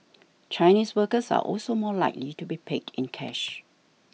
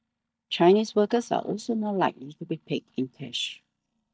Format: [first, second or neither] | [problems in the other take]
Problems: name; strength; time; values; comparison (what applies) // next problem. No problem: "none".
first | noise reduction (neural mask model DeepFilterNet 3)